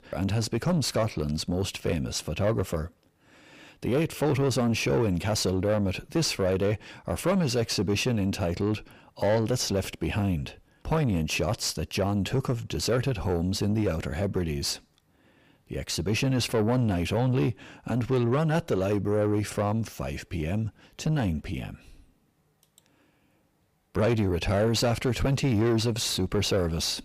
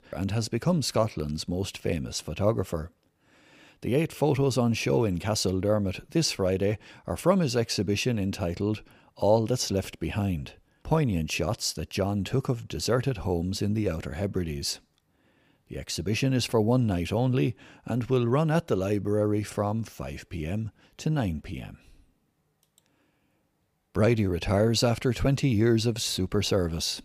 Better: second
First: distortion; slight; 9 dB below the speech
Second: none

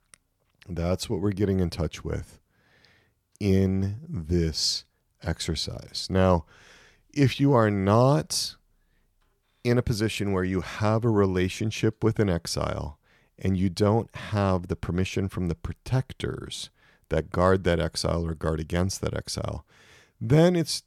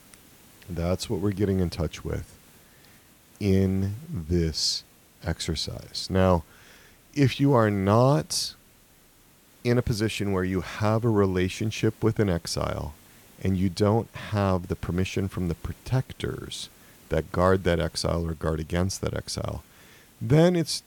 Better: first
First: none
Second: hiss; faint; throughout; 25 dB below the speech

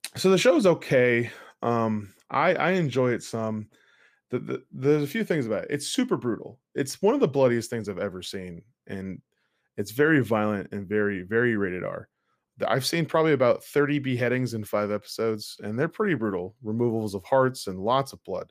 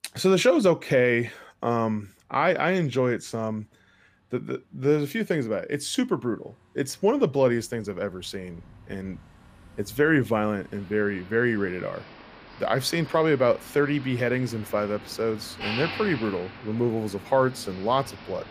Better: first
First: none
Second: traffic noise; noticeable; throughout; 15 dB below the speech

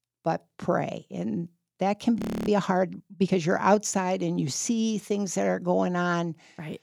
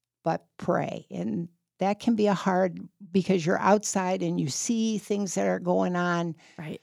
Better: second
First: audio freezing; at 2 s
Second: none

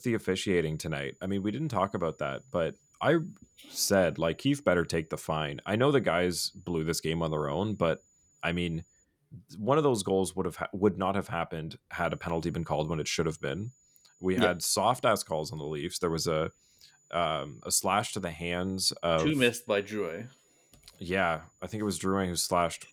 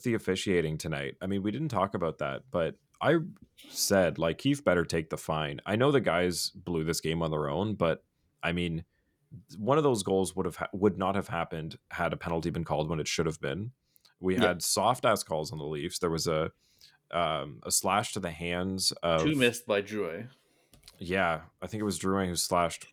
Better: second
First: high-pitched whine; faint; until 9 s and from 12 s on; 7 kHz, 35 dB below the speech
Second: none

